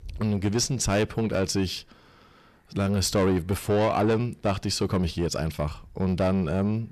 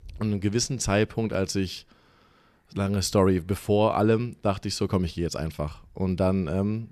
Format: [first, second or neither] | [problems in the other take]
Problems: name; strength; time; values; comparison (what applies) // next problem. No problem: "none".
second | distortion; slight; 10 dB below the speech